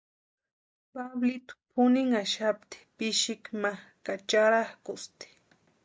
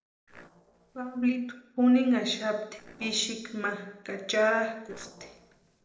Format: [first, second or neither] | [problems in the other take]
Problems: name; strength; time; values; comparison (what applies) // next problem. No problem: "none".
first | noise reduction (neural separator model SepFormer DNS4)